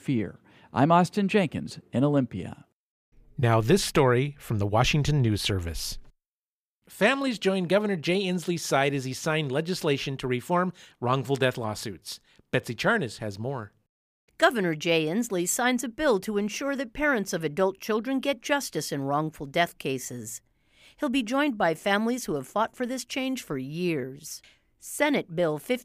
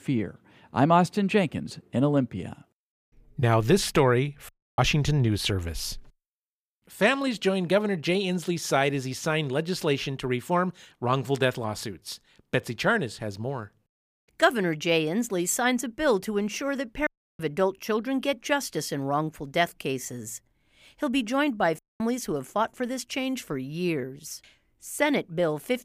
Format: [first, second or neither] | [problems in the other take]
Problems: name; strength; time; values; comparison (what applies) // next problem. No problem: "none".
first | audio cutting out; at 4.5 s, at 17 s and at 22 s